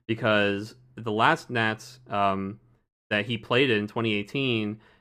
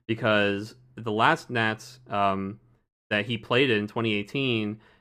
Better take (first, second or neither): neither